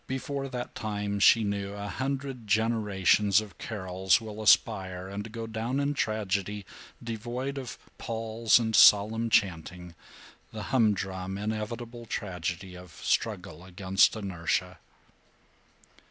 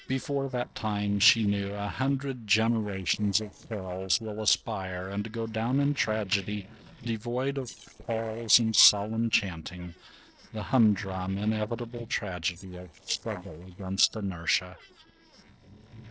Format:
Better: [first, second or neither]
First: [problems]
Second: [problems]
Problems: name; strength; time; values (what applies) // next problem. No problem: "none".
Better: first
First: none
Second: noise reduction (neural separator model SepFormer DNS4)